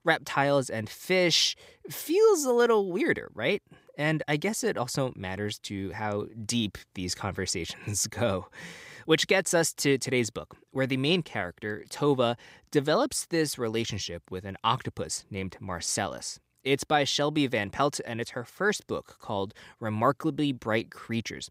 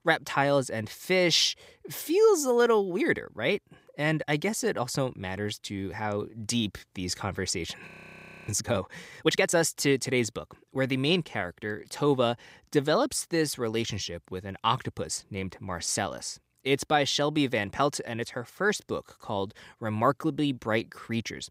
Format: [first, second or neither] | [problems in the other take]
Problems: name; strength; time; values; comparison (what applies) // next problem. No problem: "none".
first | audio freezing; at 8 s for 0.5 s